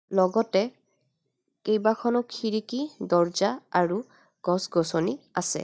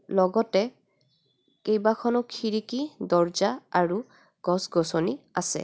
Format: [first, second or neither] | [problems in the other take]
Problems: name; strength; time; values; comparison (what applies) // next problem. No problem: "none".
second | noise reduction (neural mask model DeepFilterNet 3)